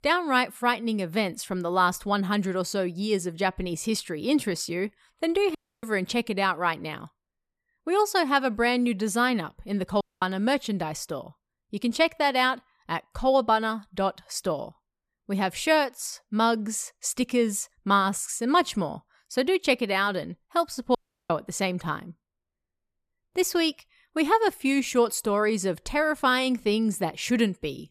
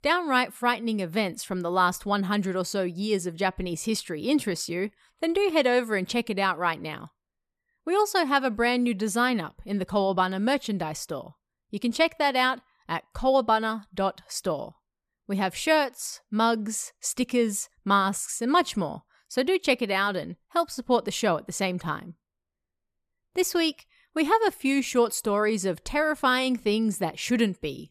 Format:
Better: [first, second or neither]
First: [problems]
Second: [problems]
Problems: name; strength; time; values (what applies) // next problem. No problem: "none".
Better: second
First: audio cutting out; at 5.5 s, at 10 s and at 21 s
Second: none